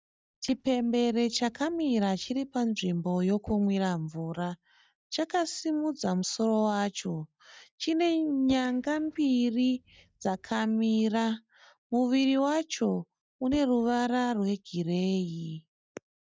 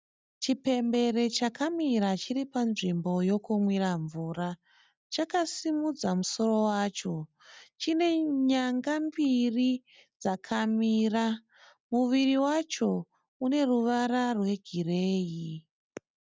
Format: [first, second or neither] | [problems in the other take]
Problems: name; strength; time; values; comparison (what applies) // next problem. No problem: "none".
second | noise reduction (neural mask model DeepFilterNet 3)